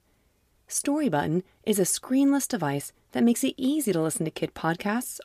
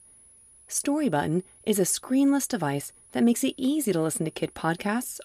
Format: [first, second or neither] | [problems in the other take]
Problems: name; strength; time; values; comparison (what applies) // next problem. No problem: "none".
first | high-pitched whine; faint; throughout; 10.5 kHz, 25 dB below the speech